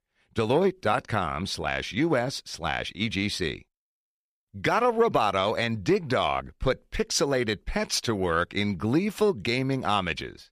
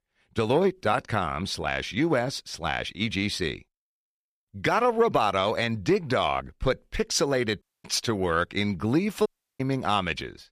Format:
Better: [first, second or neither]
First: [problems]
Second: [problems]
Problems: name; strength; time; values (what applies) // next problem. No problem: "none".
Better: first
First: none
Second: audio cutting out; at 7.5 s and at 9.5 s